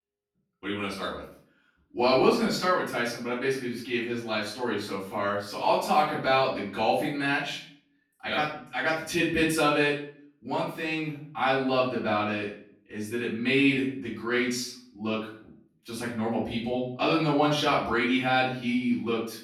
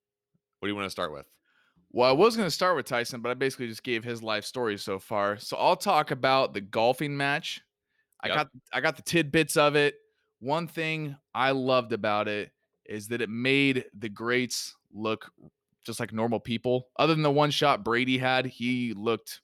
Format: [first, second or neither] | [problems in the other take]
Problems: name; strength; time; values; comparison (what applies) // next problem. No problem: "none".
second | off-mic speech; far // room echo; noticeable; dies away in 0.5 s